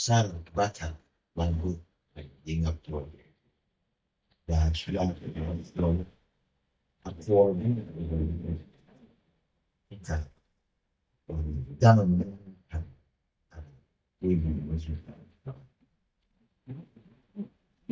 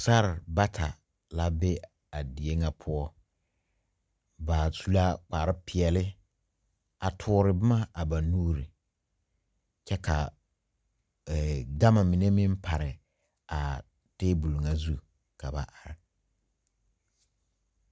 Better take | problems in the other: second | noise reduction (neural mask model DeepFilterNet 3)

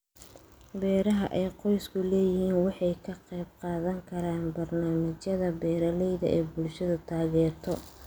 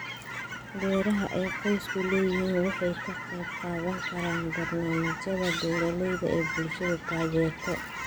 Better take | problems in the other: first | background sound (Chirp, tweet / Fowl); 6 dB below the speech

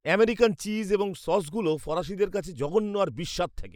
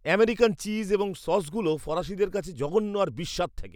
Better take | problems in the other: second | noise reduction (neural mask model Resemble Enhance denoiser)

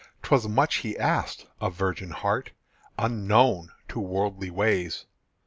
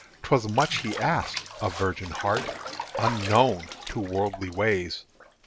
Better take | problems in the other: first | background sound (Bathtub (filling or washing)); 10 dB below the speech

